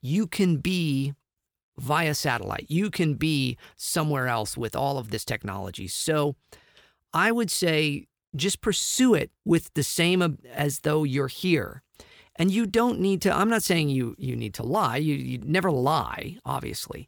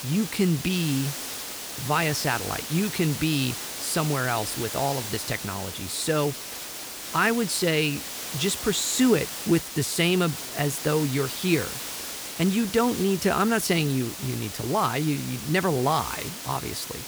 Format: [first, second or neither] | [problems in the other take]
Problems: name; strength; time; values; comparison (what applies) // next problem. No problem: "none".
first | hiss; loud; throughout; 7 dB below the speech